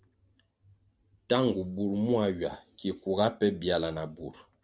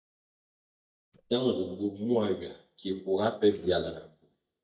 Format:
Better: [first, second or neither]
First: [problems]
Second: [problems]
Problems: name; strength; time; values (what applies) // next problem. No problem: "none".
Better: first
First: none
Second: noise reduction (neural mask model DeepFilterNet 3)